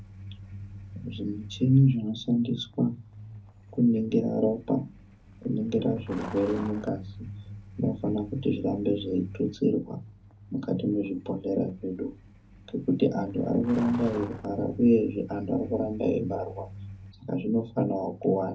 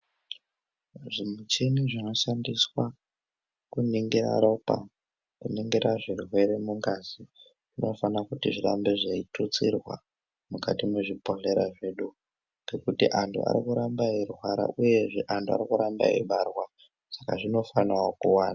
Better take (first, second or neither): second